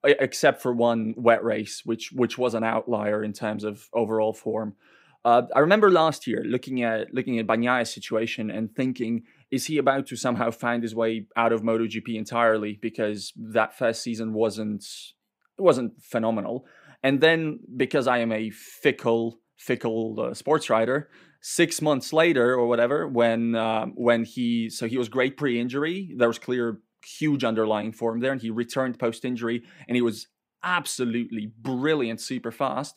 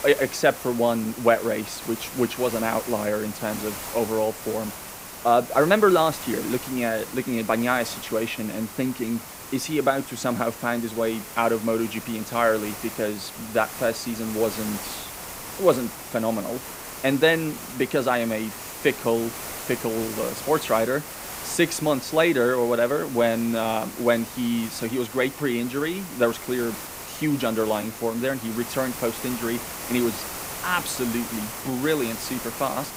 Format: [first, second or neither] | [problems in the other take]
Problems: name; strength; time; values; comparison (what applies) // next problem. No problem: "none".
first | hiss; loud; throughout; 10 dB below the speech